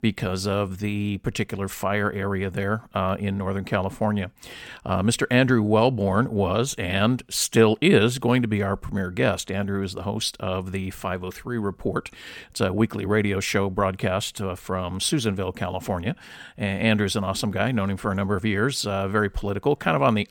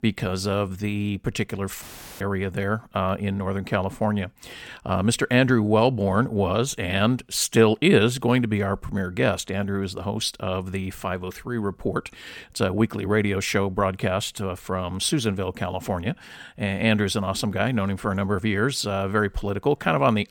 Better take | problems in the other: first | audio cutting out; filled with static; at 2 s

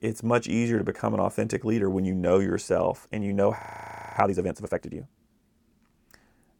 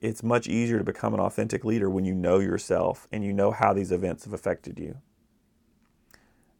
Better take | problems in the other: second | audio freezing; at 3.5 s for 0.5 s

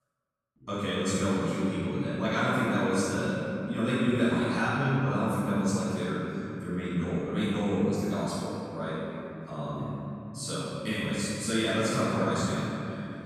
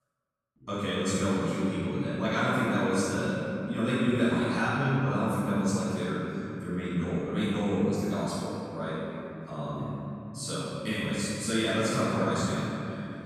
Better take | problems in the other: neither | room echo; strong; dies away in 2.9 s; the same in both // off-mic speech; far; the same in both

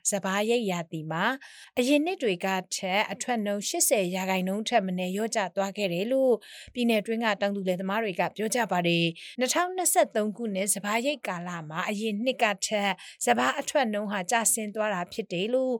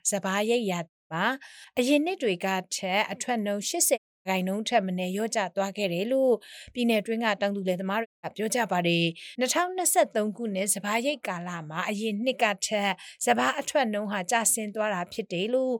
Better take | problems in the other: first | audio cutting out; at 1 s, at 4 s and at 8 s

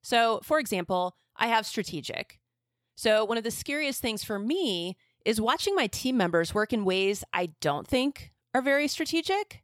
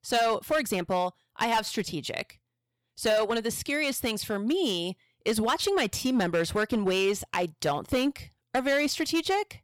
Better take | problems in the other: first | distortion; slight; 6% of the sound clipped

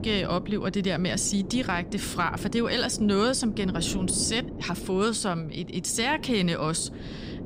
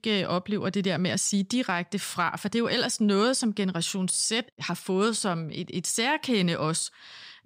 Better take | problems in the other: second | wind noise on the microphone; occasional gusts; 15 dB below the speech

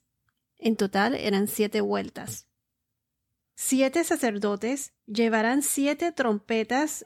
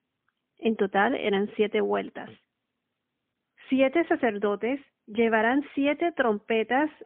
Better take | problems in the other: first | phone-call audio; poor line; nothing above 3.5 kHz

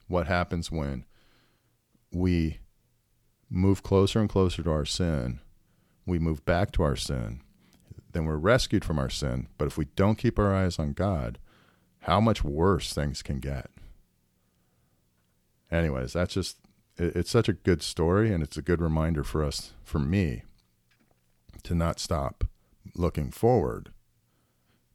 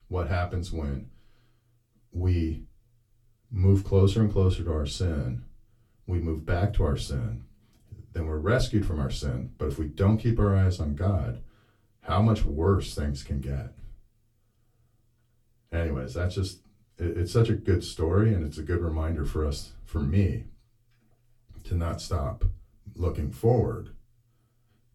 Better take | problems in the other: first | off-mic speech; far // room echo; very slight; dies away in 0.2 s

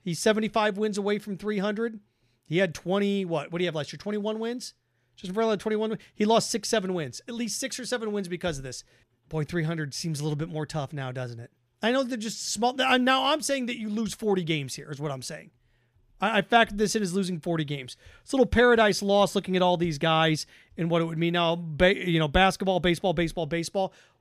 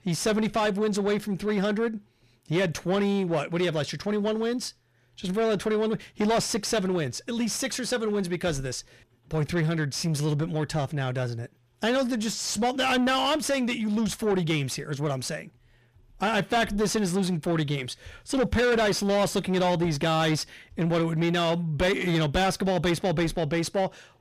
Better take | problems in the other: first | distortion; heavy; 7 dB below the speech

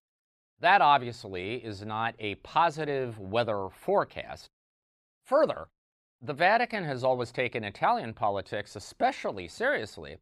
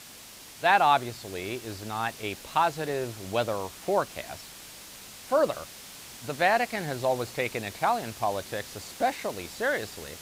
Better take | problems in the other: first | hiss; noticeable; throughout; 15 dB below the speech

